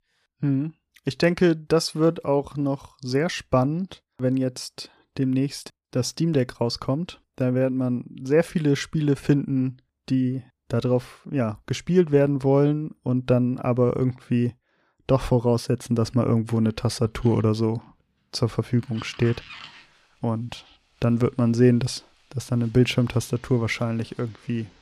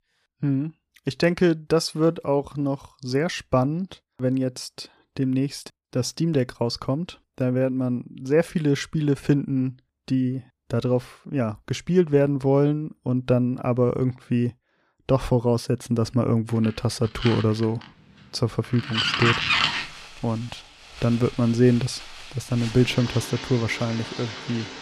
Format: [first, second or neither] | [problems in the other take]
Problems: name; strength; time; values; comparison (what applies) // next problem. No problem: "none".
first | household noises; loud; from 17 s on; 4 dB below the speech; faint in the first